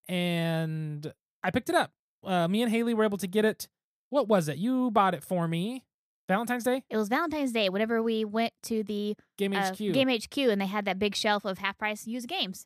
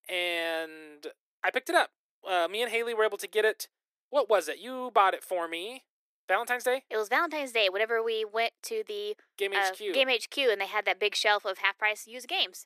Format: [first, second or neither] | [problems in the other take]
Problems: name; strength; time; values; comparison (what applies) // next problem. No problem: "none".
first | thin; very; fading below 350 Hz